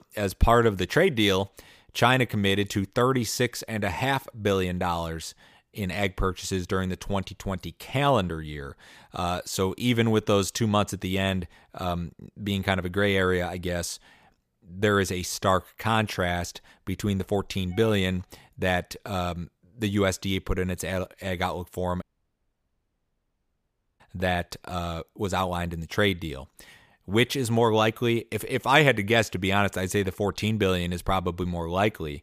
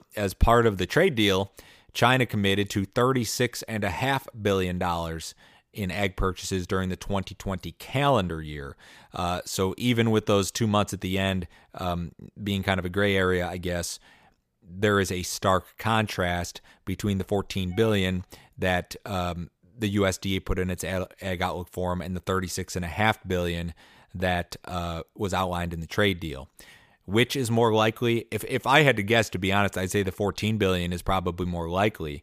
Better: second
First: audio cutting out; at 22 s for 2 s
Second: none

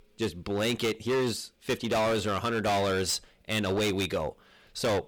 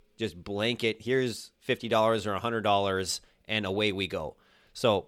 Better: second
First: distortion; heavy; 16% of the sound clipped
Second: none

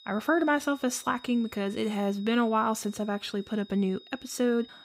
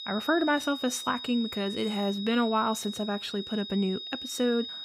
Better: first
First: high-pitched whine; faint; throughout; 3.5 kHz, 20 dB below the speech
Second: high-pitched whine; loud; throughout; 3.5 kHz, 8 dB below the speech

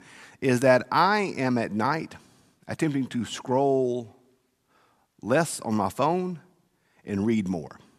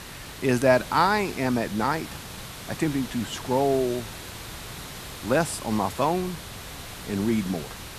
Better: first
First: none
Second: hiss; noticeable; throughout; 10 dB below the speech

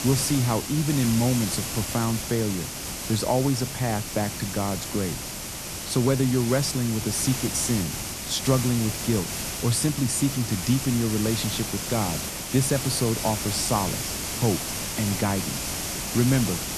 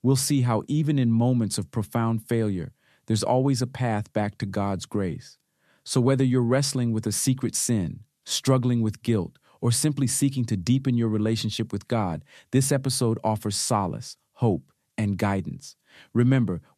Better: second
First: hiss; loud; throughout; 4 dB below the speech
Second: none

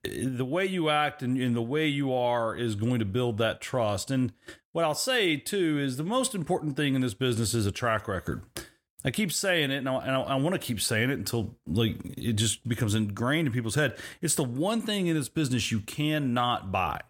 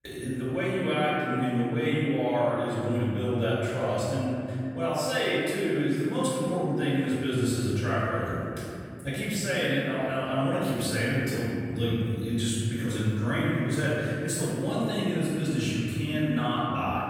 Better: first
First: none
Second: off-mic speech; far // room echo; strong; dies away in 2.4 s

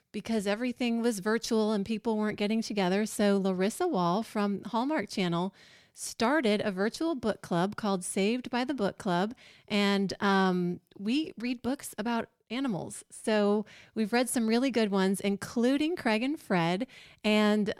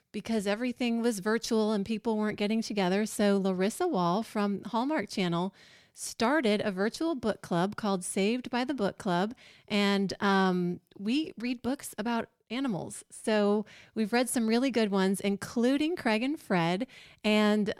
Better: neither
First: none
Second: none

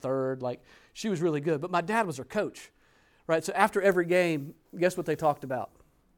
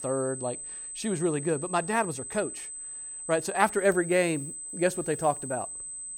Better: first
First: none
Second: high-pitched whine; loud; throughout; 8 kHz, 8 dB below the speech

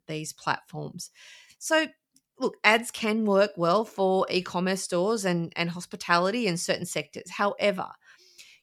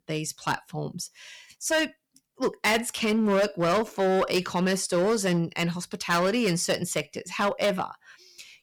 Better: first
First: none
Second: distortion; heavy; 9% of the sound clipped

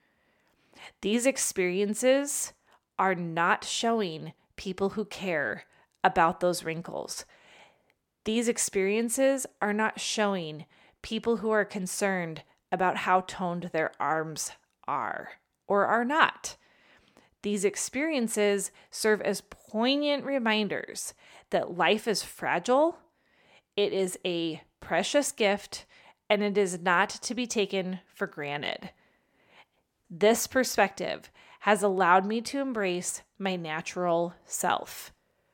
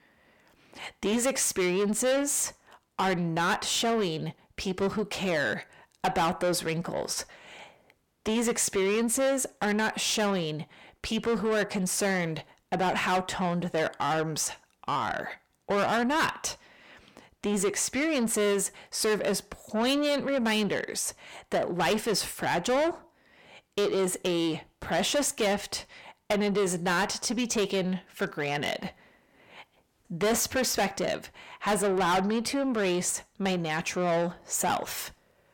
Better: first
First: none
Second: distortion; heavy; 6 dB below the speech

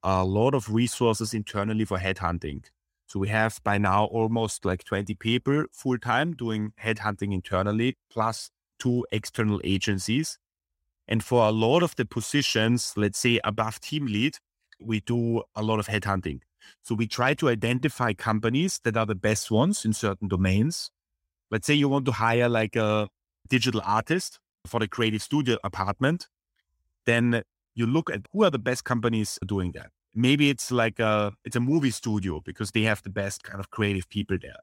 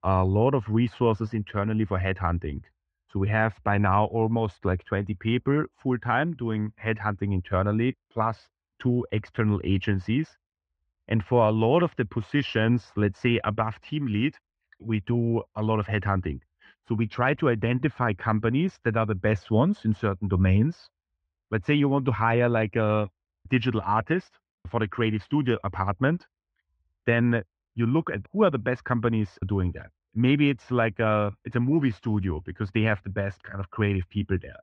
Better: first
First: none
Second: muffled; very; fading above 2.5 kHz

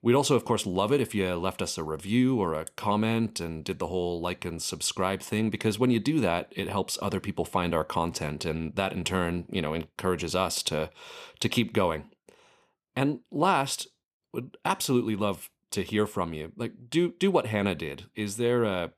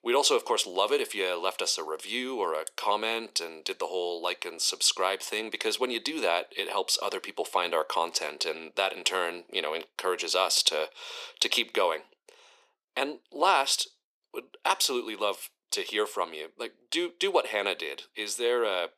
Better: first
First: none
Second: thin; very; fading below 400 Hz

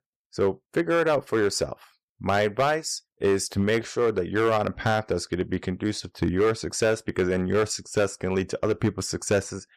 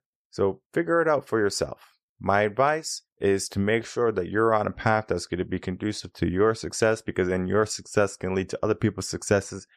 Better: second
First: distortion; slight; 4% of the sound clipped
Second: none

